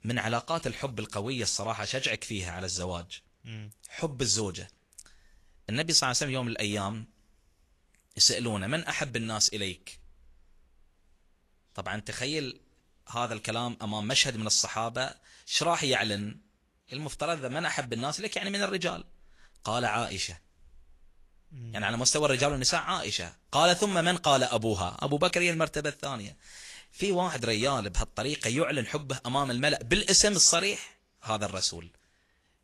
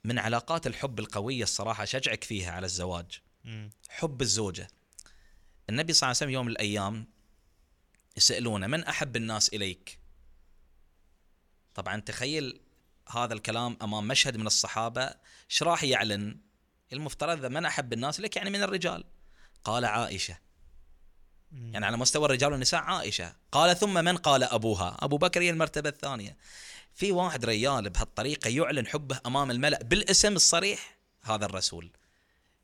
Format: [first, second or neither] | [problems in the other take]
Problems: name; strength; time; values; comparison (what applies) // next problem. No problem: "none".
second | garbled, watery; slightly